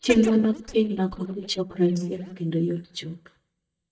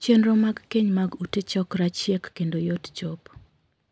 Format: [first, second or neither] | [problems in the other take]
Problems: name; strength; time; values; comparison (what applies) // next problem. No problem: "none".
second | noise reduction (neural mask model DeepFilterNet 3)